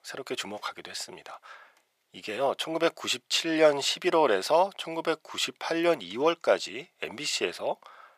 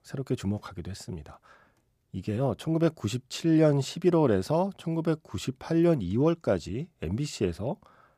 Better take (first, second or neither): second